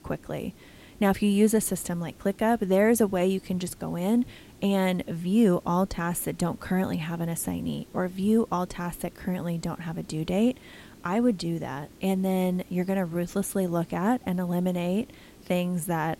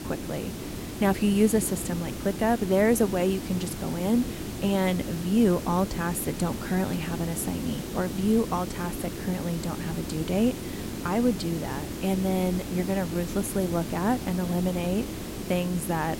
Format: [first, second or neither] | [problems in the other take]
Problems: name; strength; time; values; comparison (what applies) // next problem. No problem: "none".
first | hiss; loud; throughout; 8 dB below the speech; faint in the first